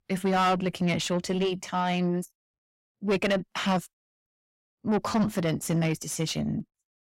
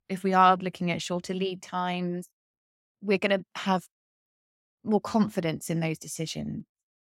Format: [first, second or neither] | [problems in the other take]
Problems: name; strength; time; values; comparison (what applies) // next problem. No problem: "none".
second | distortion; heavy; 6 dB below the speech